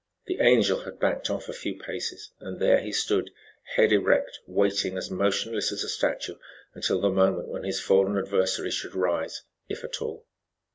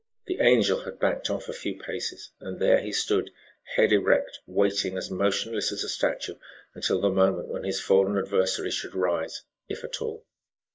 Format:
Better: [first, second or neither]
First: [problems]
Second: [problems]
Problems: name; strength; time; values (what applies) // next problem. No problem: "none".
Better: first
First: none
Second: noise reduction (neural mask model Resemble Enhance denoiser)